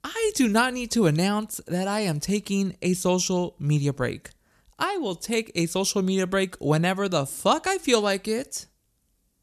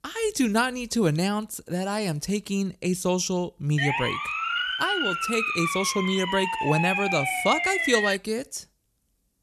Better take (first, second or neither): first